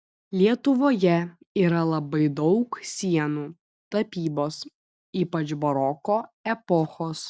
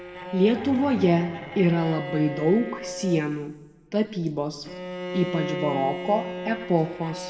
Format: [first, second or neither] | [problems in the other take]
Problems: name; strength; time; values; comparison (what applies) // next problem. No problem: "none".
first | background sound (Bowed string instrument); 10 dB below the speech // room echo; dies away in 0.9 s